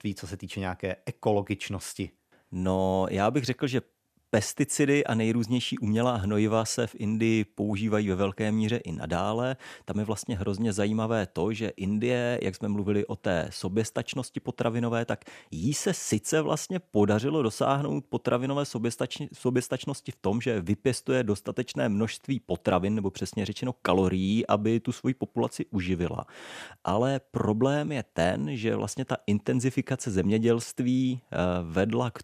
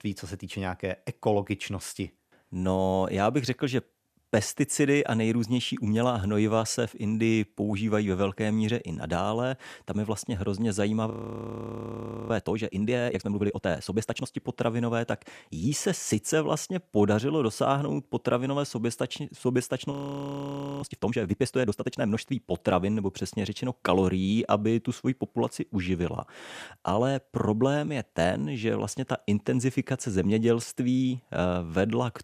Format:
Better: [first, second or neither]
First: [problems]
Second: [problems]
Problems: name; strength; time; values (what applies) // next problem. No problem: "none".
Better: first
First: none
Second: audio freezing; at 11 s for 1 s and at 20 s for 1 s